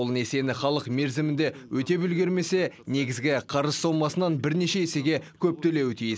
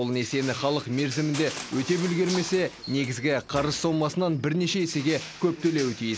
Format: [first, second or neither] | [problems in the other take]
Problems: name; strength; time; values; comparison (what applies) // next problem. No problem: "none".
first | background sound (Crushing + Crushing); 14 dB below the speech